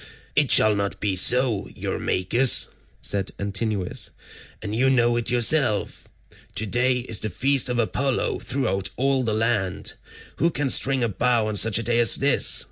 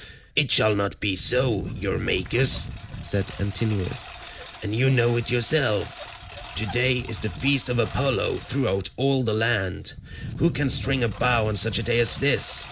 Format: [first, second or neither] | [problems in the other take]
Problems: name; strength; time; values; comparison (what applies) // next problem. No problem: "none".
first | background sound (Engine); 12 dB below the speech